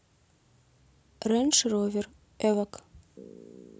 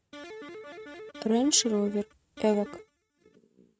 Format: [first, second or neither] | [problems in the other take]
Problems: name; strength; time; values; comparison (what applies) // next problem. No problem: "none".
first | noise reduction (neural mask model RNNoise)